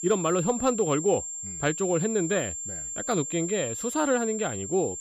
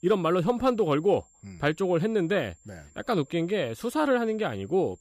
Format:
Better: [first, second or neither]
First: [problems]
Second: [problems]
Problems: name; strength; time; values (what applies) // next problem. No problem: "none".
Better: second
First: high-pitched whine; loud; throughout; 7.5 kHz, 5 dB below the speech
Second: high-pitched whine; faint; throughout; 7.5 kHz, 30 dB below the speech